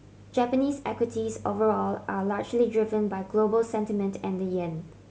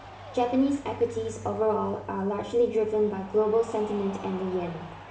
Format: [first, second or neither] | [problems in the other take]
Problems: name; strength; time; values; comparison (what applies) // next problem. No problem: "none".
first | background sound (Cheering); 18 dB below the speech // room echo; dies away in 0.6 s